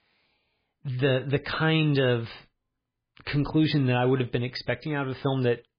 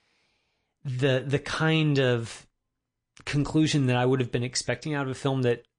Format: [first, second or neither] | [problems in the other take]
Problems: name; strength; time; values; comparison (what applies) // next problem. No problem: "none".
second | garbled, watery; badly; nothing above 5 kHz; slightly in the second